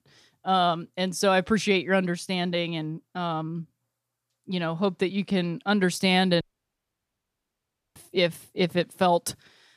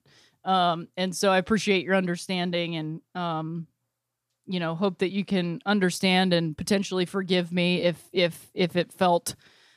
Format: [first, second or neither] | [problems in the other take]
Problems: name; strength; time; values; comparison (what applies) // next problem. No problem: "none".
second | audio cutting out; at 6.5 s for 1.5 s